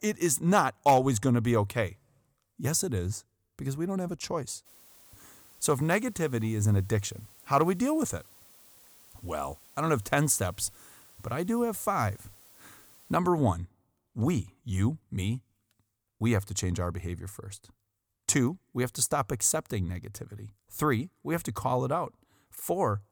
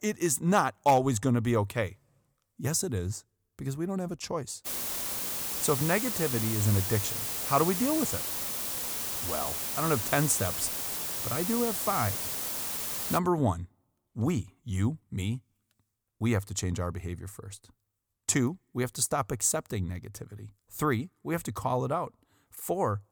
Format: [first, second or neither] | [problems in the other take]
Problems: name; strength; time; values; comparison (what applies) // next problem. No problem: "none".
first | hiss; loud; from 4.5 to 13 s; 1 dB below the speech; faint in the first